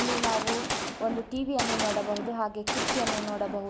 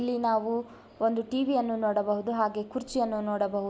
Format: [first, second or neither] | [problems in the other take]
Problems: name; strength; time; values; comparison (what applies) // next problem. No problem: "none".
second | background sound (Gunshot, gunfire); 1 dB below the speech